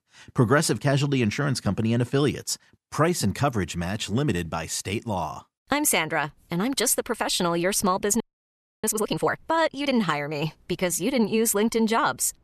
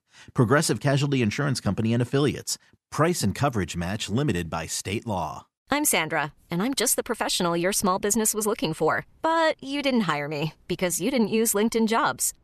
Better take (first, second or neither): second